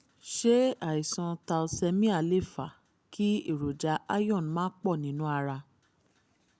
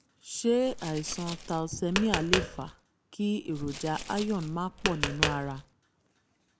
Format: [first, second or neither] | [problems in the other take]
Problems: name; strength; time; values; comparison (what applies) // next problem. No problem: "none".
first | background sound (Tap); 3 dB below the speech